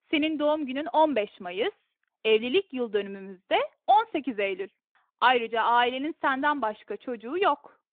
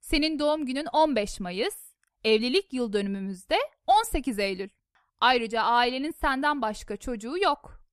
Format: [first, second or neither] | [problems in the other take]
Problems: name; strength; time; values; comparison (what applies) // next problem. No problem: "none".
second | phone-call audio